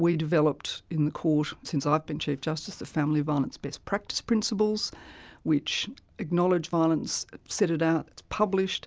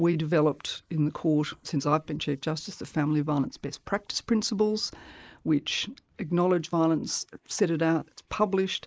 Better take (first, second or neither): first